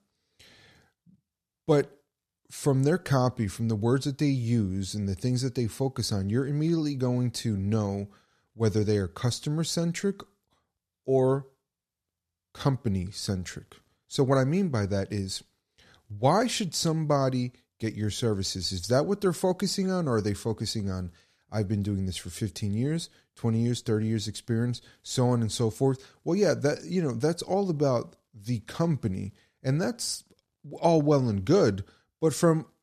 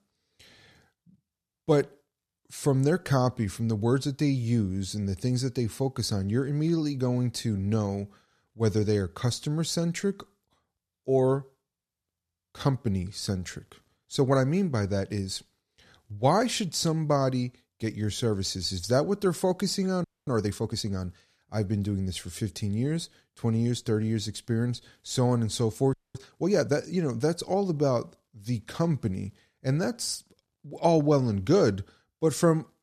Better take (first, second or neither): first